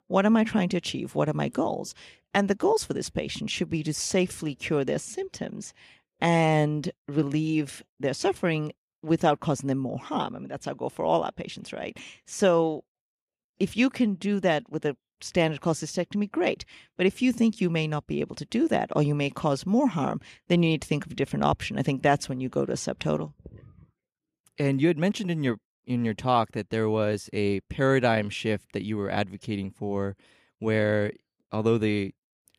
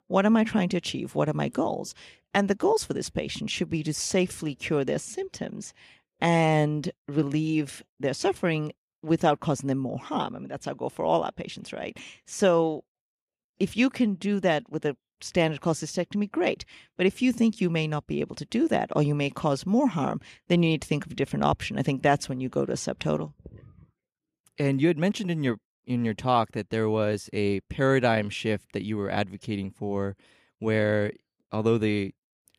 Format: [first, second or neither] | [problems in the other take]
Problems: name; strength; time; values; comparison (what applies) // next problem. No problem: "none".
neither | none